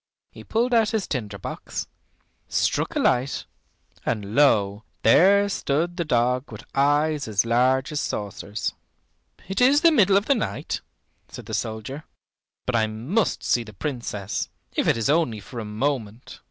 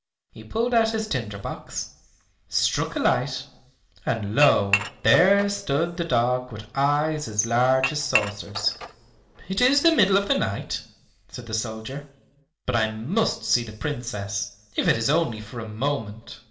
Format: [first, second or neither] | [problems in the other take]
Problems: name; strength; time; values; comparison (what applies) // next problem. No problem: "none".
first | background sound (Dishes, pots, and pans / Chink, clink); 7 dB below the speech // room echo; dies away in 0.8 s